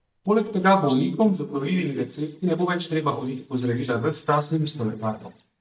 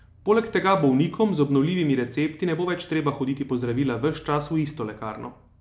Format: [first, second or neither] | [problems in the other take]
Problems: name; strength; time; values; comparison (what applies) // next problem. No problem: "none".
second | noise reduction (neural mask model DeepFilterNet 3)